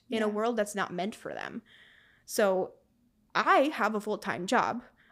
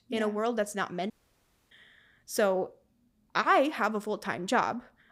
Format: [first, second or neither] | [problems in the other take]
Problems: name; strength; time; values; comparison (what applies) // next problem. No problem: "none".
first | audio cutting out; at 1 s for 0.5 s